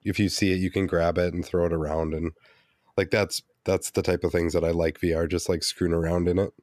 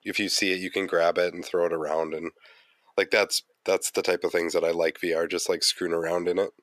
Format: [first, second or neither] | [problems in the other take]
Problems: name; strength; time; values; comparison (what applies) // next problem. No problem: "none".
first | thin; somewhat; fading below 450 Hz